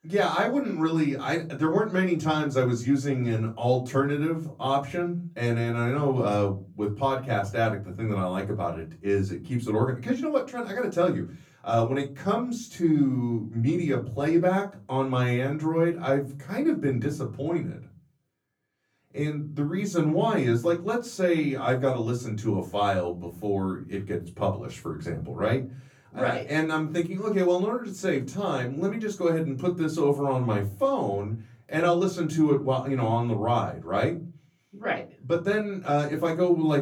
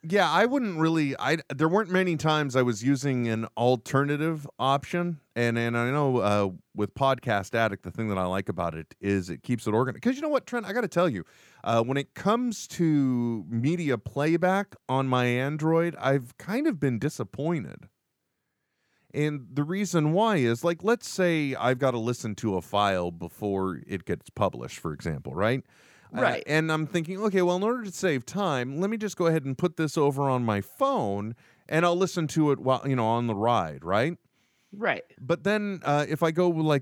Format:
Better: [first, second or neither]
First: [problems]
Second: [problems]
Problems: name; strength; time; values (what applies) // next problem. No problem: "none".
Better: second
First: off-mic speech; far // room echo; very slight; dies away in 0.3 s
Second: none